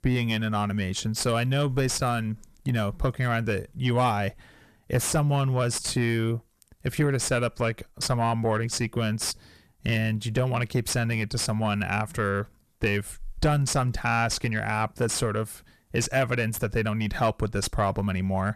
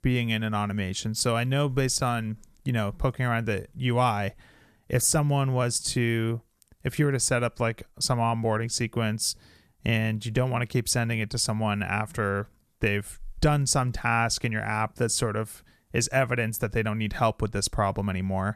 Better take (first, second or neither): second